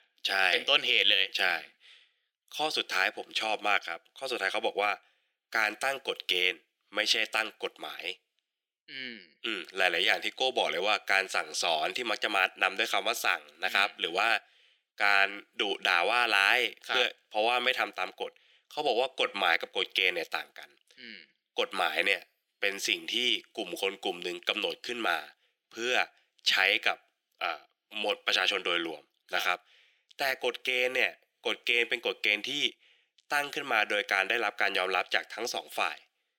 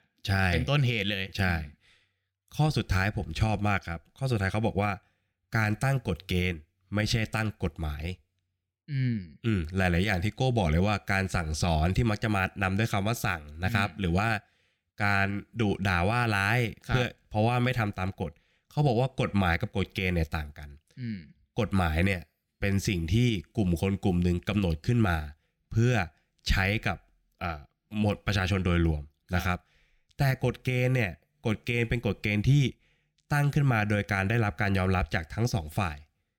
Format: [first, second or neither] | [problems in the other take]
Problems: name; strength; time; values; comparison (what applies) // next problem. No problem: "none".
second | thin; very; fading below 400 Hz